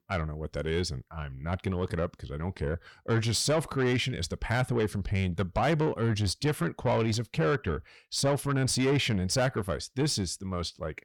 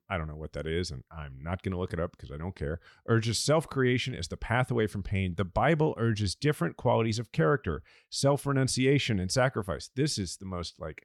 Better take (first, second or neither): second